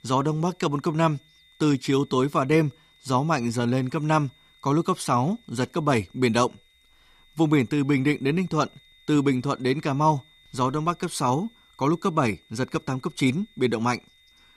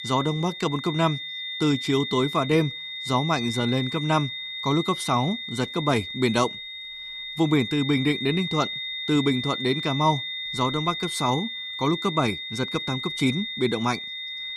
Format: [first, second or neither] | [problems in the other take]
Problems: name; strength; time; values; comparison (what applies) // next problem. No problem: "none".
first | high-pitched whine; loud; throughout; 3.5 kHz, 5 dB below the speech; faint in the first